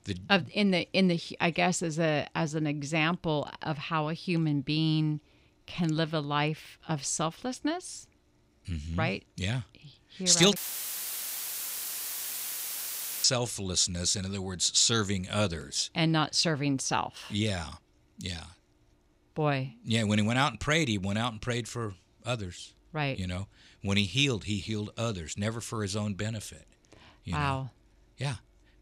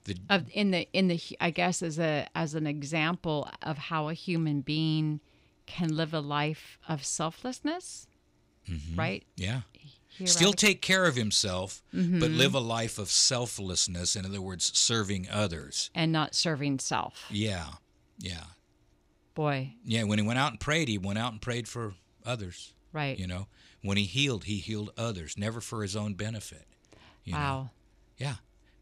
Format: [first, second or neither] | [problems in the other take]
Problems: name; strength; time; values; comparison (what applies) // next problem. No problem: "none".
second | audio cutting out; filled with static; at 11 s for 2.5 s